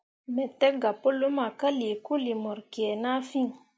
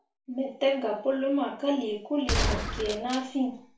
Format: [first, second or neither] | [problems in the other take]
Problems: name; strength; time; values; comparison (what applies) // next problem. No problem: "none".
first | background sound (Gunshot, gunfire); 1 dB below the speech // room echo; dies away in 0.3 s